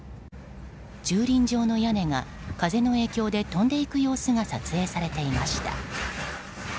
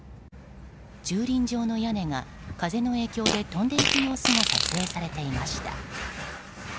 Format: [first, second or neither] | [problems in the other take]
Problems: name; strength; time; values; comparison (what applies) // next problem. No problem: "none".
first | background sound (Fart); 2 dB above the speech